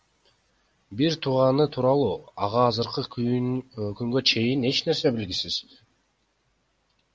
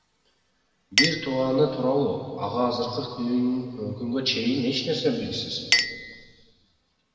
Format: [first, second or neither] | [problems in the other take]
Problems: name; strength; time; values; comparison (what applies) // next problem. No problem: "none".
first | background sound (Chink, clink); 6 dB below the speech // room echo; dies away in 2.3 s